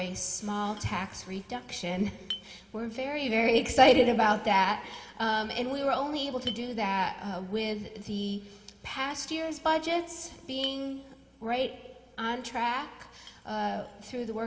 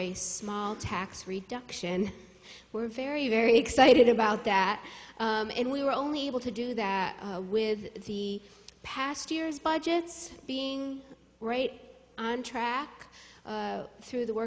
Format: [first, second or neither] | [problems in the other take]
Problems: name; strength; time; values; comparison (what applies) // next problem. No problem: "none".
second | background sound (Chink, clink); 20 dB below the speech // room echo; dies away in 1.3 s